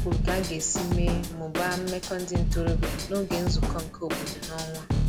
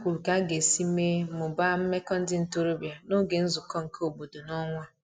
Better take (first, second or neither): second